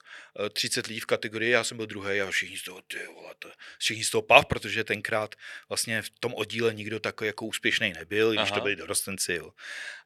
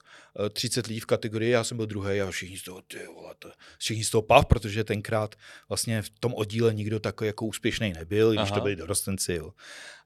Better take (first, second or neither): second